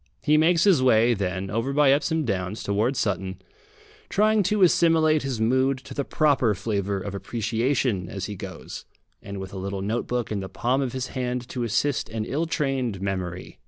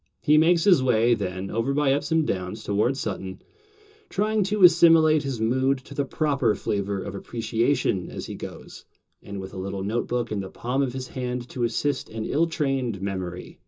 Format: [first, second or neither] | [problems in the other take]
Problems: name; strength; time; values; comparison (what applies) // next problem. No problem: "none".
first | room echo; dies away in 0.2 s